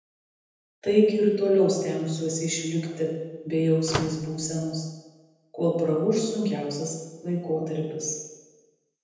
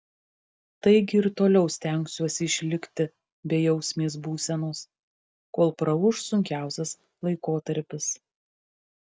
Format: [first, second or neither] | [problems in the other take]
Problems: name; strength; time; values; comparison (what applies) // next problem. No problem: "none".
second | background sound (Slam / Microwave oven); 8 dB below the speech // room echo; dies away in 1.1 s